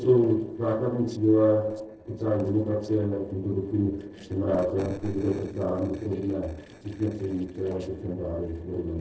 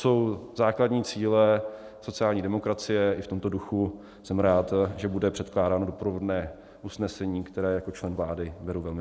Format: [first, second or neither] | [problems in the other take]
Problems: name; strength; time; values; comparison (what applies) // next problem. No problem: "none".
second | noise reduction (neural separator model SepFormer DNS4)